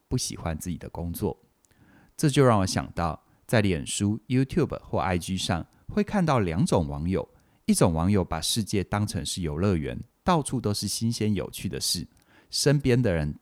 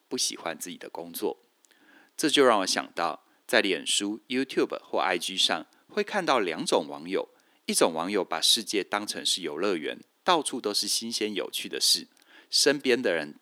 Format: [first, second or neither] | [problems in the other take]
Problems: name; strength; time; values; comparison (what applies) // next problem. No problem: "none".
first | thin; somewhat; fading below 300 Hz